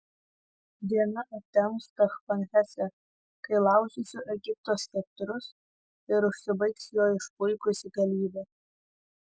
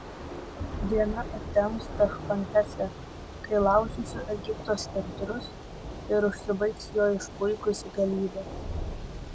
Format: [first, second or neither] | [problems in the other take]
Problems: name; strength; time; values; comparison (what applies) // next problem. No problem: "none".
first | background sound (Thunder / Rain); 8 dB below the speech